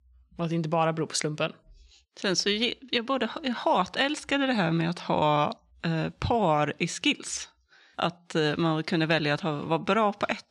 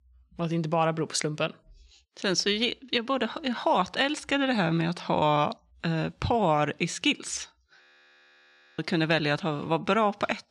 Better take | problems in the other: first | audio freezing; at 8 s for 1 s

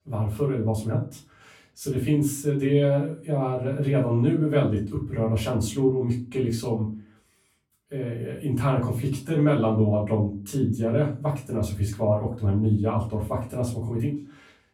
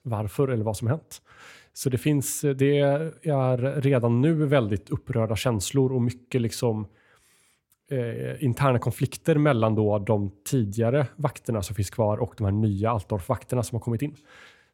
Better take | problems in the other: second | off-mic speech; far // room echo; slight; dies away in 0.3 s

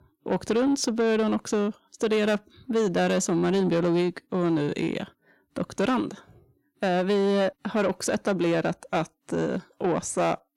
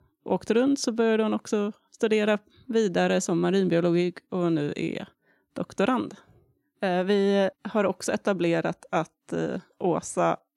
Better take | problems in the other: second | distortion; slight; 10 dB below the speech

